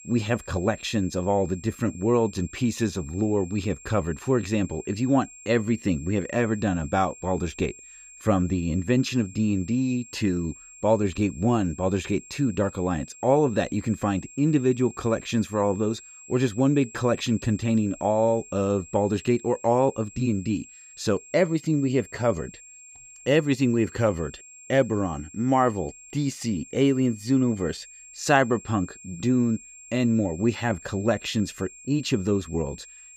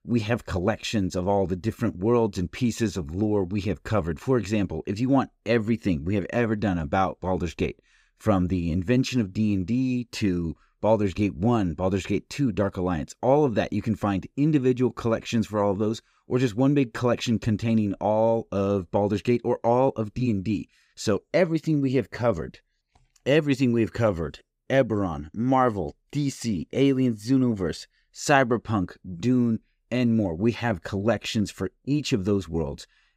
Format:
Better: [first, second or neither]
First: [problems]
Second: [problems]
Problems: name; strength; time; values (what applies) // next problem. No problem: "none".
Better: second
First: high-pitched whine; noticeable; throughout; 7.5 kHz, 20 dB below the speech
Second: none